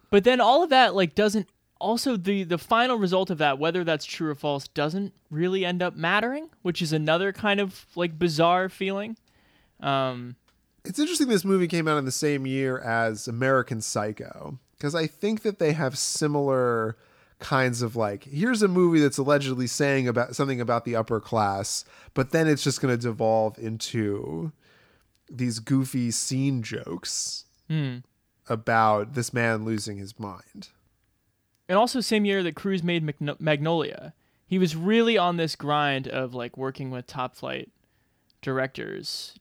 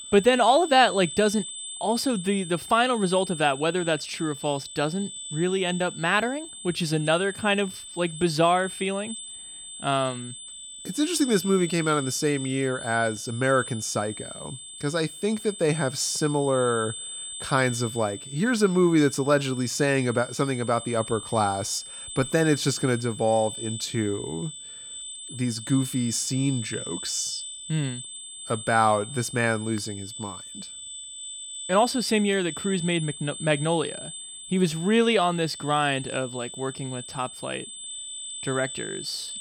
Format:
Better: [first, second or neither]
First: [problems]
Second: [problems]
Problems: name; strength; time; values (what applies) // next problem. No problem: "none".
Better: first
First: none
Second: high-pitched whine; noticeable; throughout; 8 kHz, 10 dB below the speech